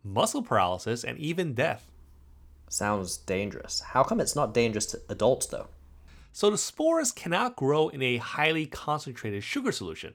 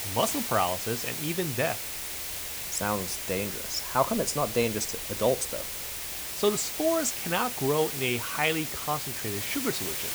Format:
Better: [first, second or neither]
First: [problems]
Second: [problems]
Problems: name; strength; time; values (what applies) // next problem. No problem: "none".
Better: first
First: none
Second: hiss; loud; throughout; 3 dB below the speech